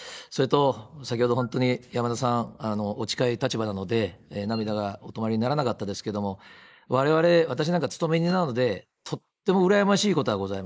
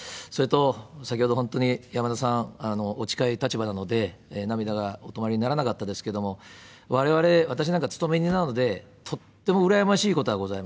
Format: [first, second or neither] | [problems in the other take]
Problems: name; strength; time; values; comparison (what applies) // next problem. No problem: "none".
second | noise reduction (neural mask model Resemble Enhance denoiser)